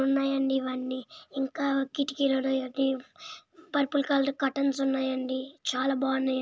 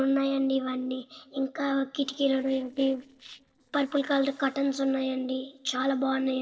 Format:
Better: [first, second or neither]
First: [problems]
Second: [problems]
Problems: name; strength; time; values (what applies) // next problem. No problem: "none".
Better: first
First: none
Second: noise reduction (neural separator model SepFormer DNS4)